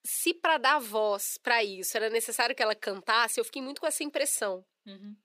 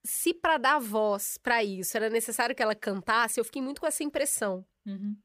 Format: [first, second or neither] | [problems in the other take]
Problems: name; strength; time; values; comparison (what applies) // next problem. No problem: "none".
second | thin; very slightly; fading below 300 Hz